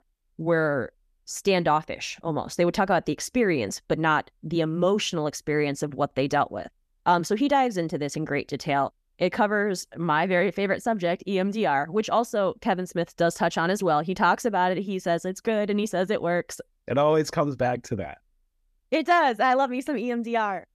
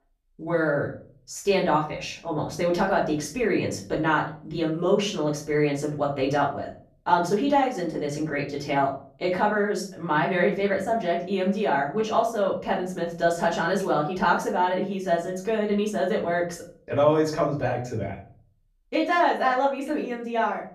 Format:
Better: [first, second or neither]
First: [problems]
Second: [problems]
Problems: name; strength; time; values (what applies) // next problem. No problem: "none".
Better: first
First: none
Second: off-mic speech; far // room echo; slight; dies away in 0.4 s